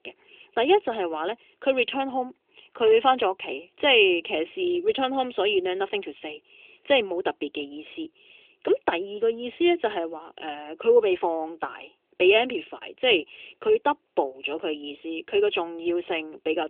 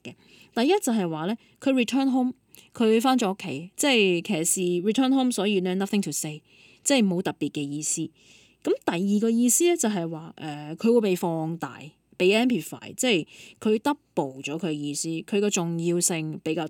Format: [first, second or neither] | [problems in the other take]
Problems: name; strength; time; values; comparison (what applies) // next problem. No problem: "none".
second | phone-call audio; nothing above 3.5 kHz